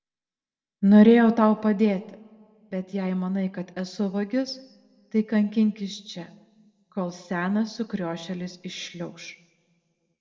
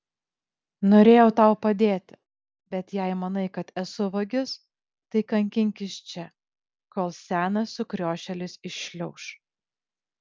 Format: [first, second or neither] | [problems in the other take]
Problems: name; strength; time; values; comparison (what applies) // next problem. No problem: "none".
second | room echo; dies away in 0.9 s